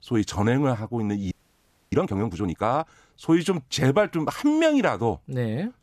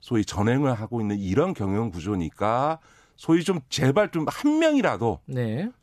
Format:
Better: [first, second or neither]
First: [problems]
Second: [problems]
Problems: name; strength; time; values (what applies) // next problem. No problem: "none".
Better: second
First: audio freezing; at 1.5 s for 0.5 s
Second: none